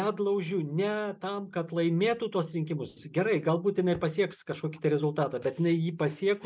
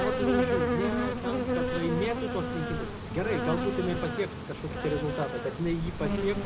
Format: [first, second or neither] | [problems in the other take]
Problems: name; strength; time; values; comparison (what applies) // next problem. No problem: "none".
first | background sound (Insect); 1 dB above the speech